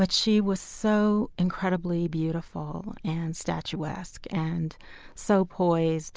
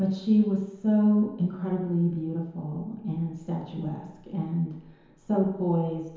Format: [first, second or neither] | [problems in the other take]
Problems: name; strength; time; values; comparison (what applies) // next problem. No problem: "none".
first | room echo; dies away in 1 s